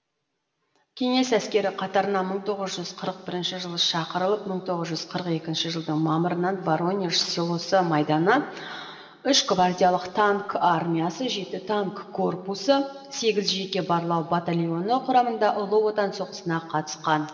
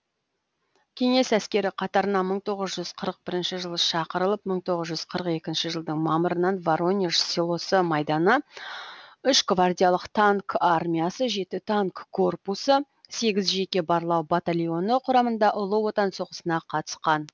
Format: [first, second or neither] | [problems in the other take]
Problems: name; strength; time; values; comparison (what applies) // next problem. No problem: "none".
second | room echo; dies away in 1.9 s